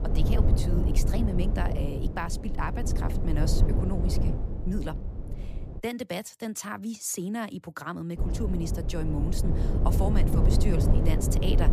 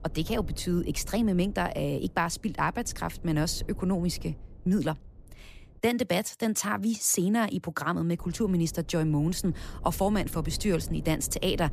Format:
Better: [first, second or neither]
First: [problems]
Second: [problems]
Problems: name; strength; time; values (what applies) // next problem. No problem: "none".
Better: second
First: low rumble; loud; until 6 s and from 8 s on; 2 dB below the speech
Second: low rumble; faint; until 6 s and from 8 s on; 25 dB below the speech